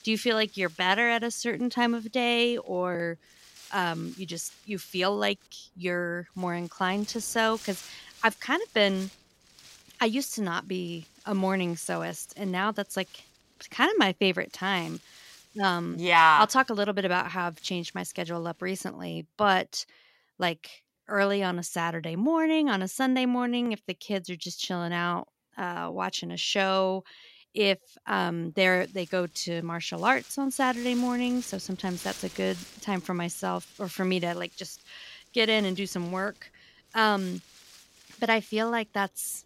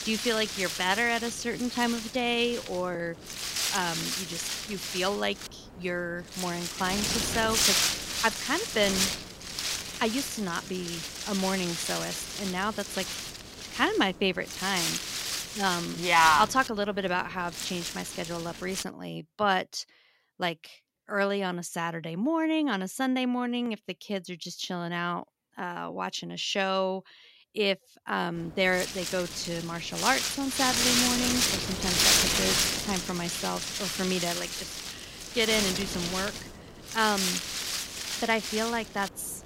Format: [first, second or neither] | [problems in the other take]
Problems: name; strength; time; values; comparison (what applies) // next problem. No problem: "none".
first | wind noise on the microphone; heavy; until 19 s and from 28 s on; 1 dB below the speech; occasional gusts in the first